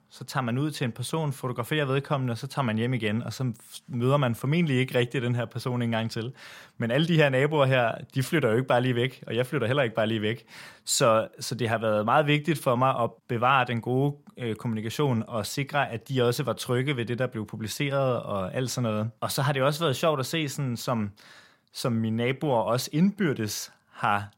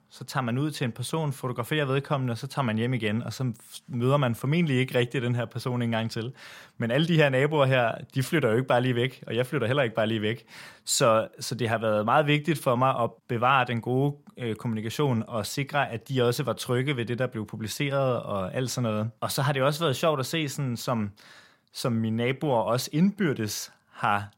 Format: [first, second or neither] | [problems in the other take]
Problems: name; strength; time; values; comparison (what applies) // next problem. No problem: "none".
neither | none